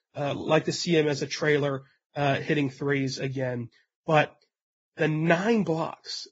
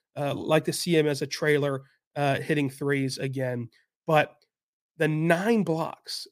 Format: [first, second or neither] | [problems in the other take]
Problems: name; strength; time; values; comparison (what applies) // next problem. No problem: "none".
second | garbled, watery; badly; nothing above 7.5 kHz